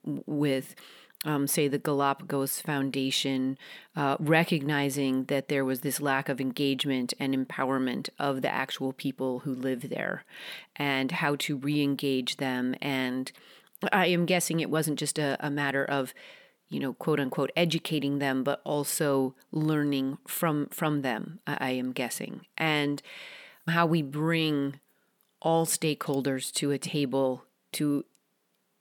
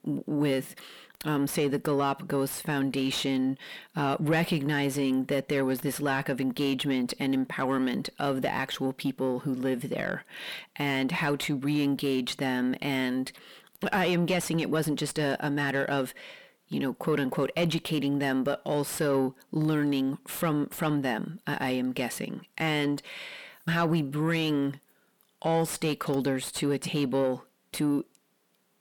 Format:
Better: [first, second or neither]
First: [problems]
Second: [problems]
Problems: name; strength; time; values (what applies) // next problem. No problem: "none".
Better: first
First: none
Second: distortion; slight; 10 dB below the speech